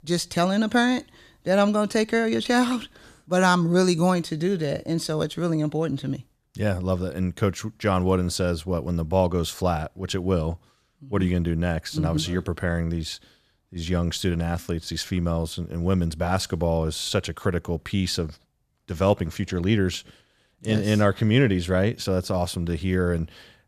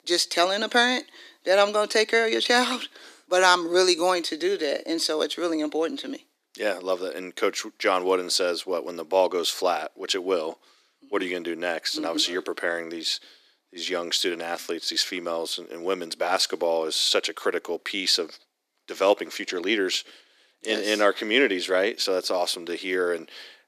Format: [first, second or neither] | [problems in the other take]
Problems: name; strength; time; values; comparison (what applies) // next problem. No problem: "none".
first | thin; very; fading below 300 Hz